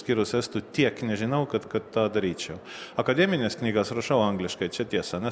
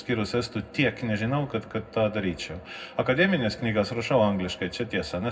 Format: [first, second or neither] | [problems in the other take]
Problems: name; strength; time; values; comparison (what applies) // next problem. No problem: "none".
first | room echo; dies away in 0.3 s